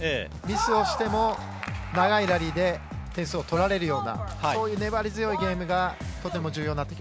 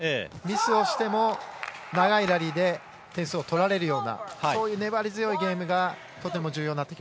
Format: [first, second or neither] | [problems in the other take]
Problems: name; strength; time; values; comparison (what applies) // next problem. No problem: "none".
second | background sound (Bass guitar); 10 dB below the speech